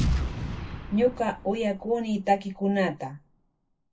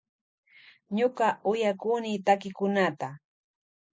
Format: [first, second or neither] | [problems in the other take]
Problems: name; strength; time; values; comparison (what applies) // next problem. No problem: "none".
second | background sound (Boom); 5 dB below the speech // room echo; dies away in 0.1 s